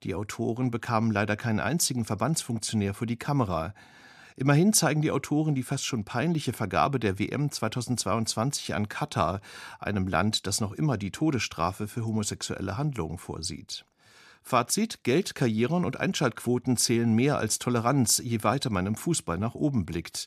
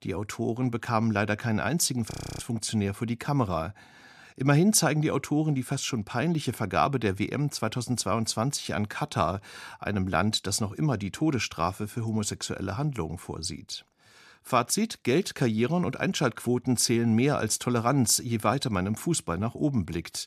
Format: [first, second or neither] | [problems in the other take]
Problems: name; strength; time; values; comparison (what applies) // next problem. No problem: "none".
first | audio freezing; at 2 s